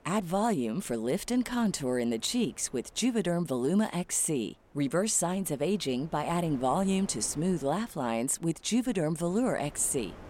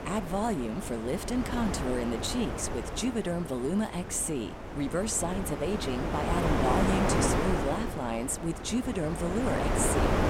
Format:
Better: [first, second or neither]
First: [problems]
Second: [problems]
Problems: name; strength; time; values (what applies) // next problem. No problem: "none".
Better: first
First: wind noise on the microphone; occasional gusts; 25 dB below the speech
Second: wind noise on the microphone; heavy; as loud as the speech